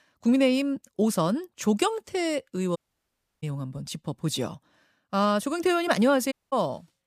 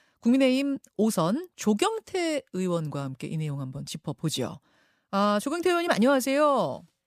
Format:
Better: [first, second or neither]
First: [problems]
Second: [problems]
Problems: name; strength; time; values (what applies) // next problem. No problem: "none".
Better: second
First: audio cutting out; at 3 s for 0.5 s and at 6.5 s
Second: none